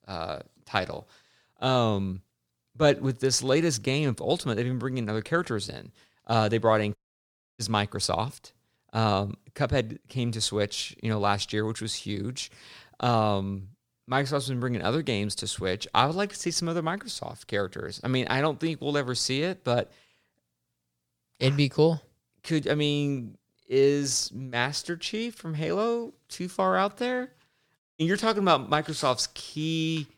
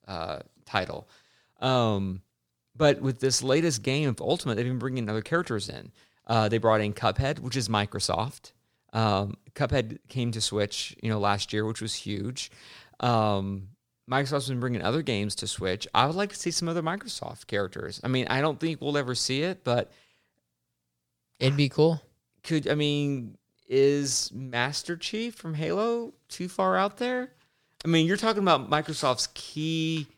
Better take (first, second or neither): second